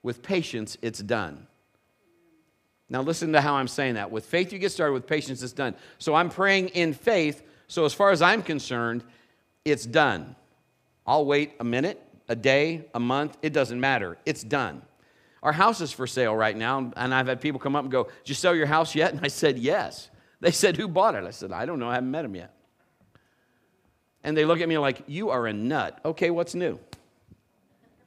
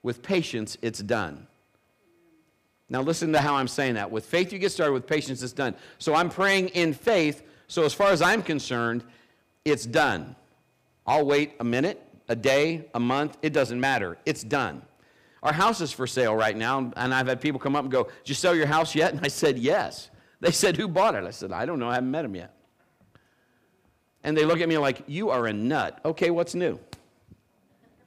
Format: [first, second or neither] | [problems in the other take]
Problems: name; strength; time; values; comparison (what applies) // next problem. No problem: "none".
first | distortion; slight; 2% of the sound clipped